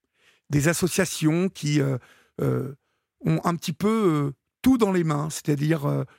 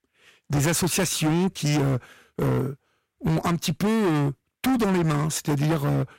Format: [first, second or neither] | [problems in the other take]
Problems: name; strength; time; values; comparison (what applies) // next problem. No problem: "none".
first | distortion; heavy; 24% of the sound clipped